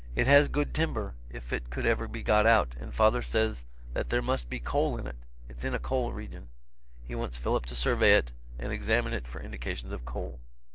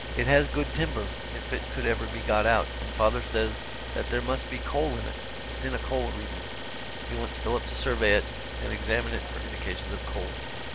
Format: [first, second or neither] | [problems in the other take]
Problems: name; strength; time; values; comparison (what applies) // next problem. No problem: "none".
first | background sound (Idling); 8 dB below the speech